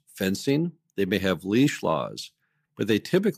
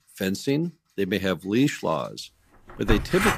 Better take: first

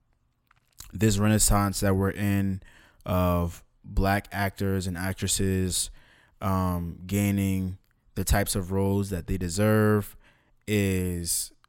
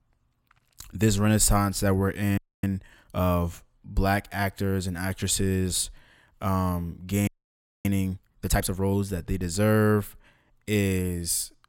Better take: first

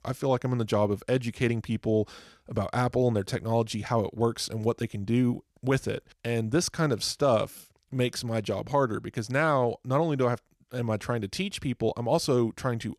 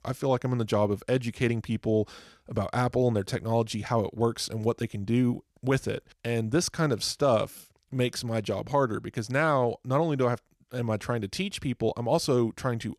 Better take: neither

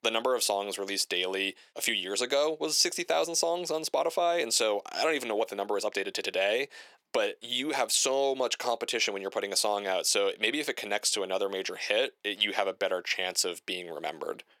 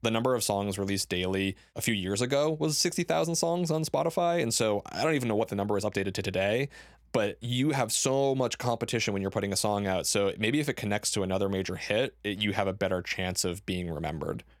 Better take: second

